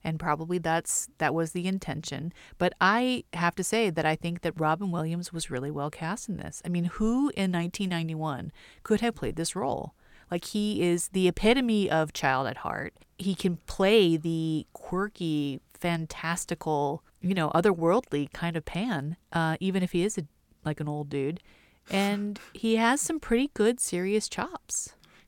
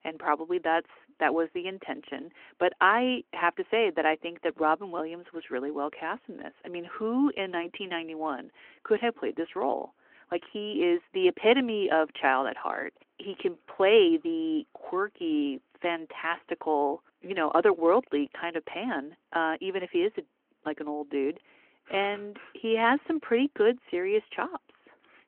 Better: first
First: none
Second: phone-call audio

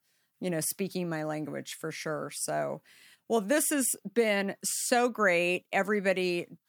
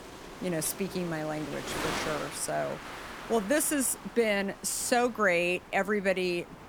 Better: first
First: none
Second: wind noise on the microphone; occasional gusts; 10 dB below the speech

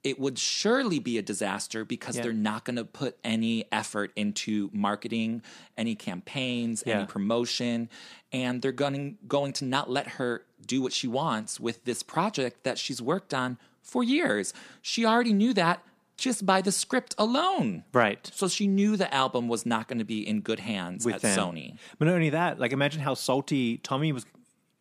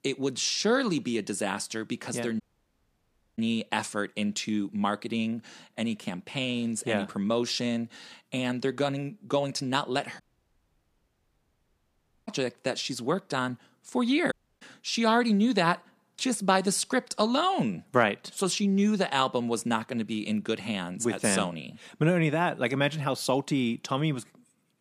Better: first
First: none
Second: audio cutting out; at 2.5 s for 1 s, at 10 s for 2 s and at 14 s

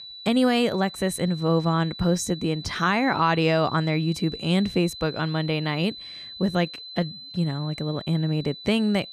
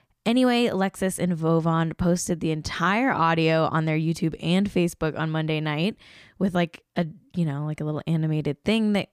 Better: second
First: high-pitched whine; noticeable; throughout; 4 kHz, 15 dB below the speech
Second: none

